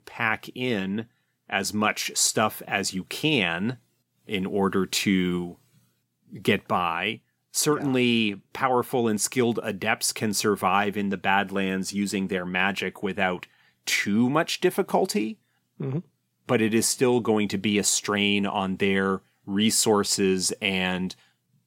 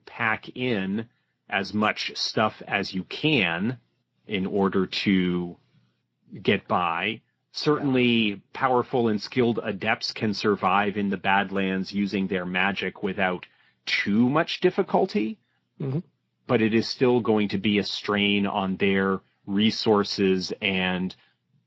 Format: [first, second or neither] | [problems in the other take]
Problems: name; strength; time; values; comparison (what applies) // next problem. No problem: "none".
first | garbled, watery; slightly